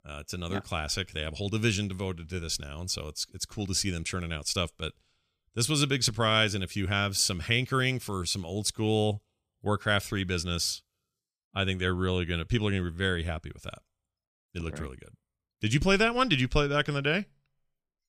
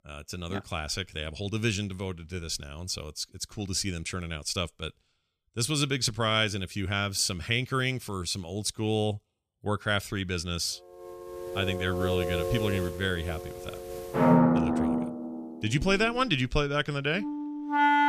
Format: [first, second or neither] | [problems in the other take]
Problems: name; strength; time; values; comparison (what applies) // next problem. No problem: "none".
first | background music; very loud; from 11 s on; 1 dB above the speech